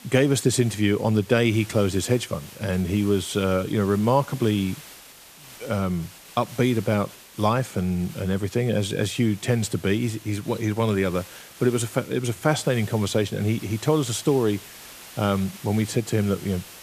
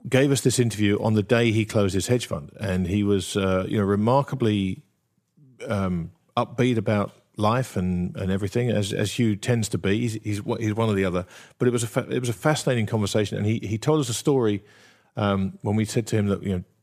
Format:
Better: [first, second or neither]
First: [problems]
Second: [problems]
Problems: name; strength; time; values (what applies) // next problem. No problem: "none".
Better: second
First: hiss; noticeable; throughout; 20 dB below the speech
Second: none